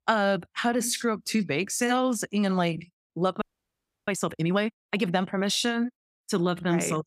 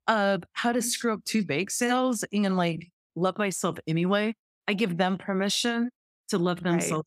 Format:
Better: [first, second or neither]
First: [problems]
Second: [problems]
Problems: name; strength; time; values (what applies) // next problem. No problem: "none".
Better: second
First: audio freezing; at 3.5 s for 0.5 s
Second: none